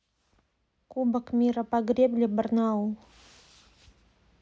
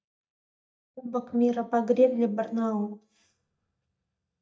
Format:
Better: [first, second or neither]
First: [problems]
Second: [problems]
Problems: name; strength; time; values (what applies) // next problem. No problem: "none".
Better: first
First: none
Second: noise reduction (neural mask model DeepFilterNet 3)